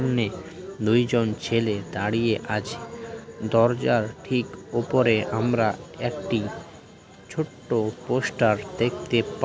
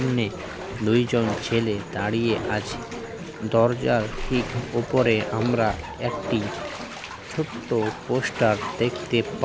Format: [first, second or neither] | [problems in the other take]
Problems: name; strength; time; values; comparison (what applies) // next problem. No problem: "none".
first | background sound (Bathtub (filling or washing)); 10 dB below the speech